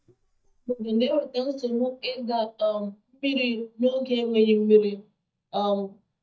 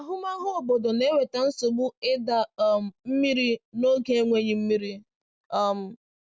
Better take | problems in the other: second | noise reduction (neural mask model DeepFilterNet 3)

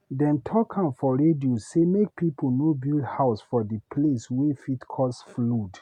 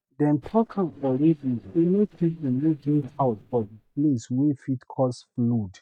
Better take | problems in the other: first | noise reduction (neural mask model DeepFilterNet 3)

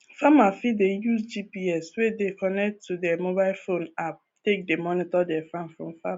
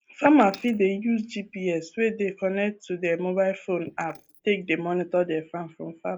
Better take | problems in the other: first | noise reduction (neural mask model Resemble Enhance denoiser)

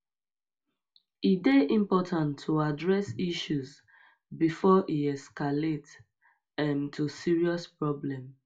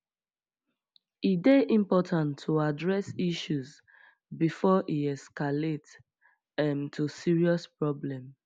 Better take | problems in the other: second | room echo; dies away in 0.2 s

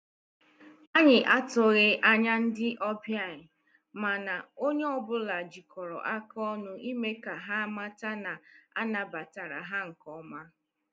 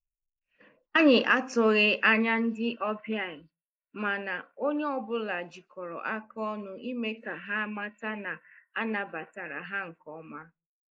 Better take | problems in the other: first | noise reduction (neural mask model Resemble Enhance denoiser)

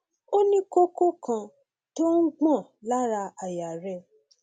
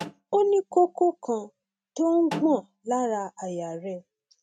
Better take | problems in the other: first | noise reduction (neural mask model RNNoise)

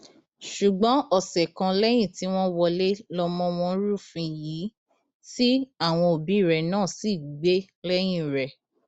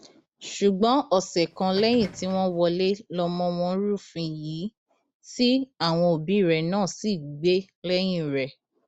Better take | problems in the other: first | background sound (Subway, metro, underground); 19 dB below the speech

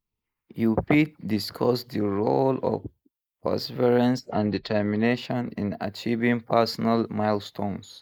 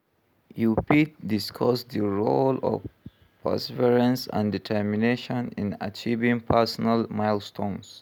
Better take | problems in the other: second | noise reduction (neural mask model Resemble Enhance denoiser)

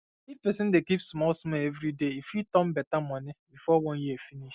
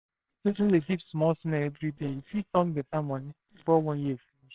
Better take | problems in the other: first | noise reduction (neural separator model SepFormer WHAMR!)

